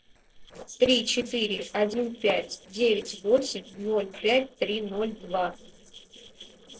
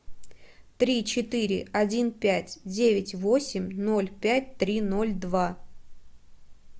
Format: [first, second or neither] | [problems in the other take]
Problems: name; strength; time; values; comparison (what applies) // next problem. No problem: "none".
second | noise reduction (neural separator model SepFormer DNS4)